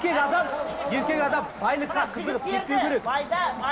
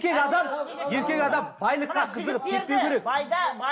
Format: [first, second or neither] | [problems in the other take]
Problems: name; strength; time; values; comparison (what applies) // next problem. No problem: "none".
second | background sound (Crowd); 11 dB below the speech